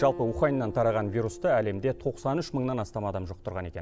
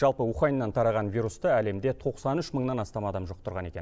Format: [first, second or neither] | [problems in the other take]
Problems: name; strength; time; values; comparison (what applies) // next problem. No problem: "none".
second | background sound (Acoustic guitar); 16 dB below the speech